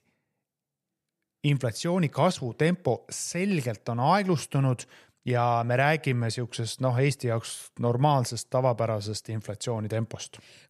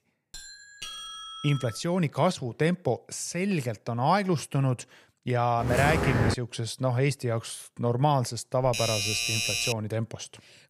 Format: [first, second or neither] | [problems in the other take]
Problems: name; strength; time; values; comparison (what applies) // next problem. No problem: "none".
first | doorbell; noticeable; until 2 s; peak 9 dB below the speech // footsteps; loud; at 5.5 s; peak 1 dB above the speech // doorbell; loud; from 8.5 to 9.5 s; peak 2 dB above the speech